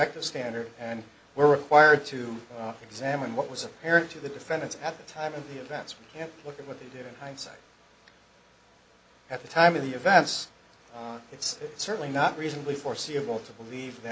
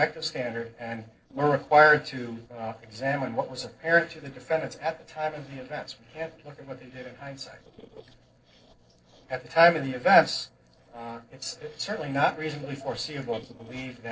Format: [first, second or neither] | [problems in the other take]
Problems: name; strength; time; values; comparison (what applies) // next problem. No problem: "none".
first | noise reduction (neural separator model SepFormer DNS4)